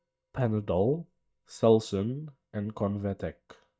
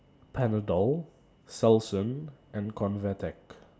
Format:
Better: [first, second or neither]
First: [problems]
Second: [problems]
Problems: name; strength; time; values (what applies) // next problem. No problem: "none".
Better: second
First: noise reduction (neural mask model DeepFilterNet 3)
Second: none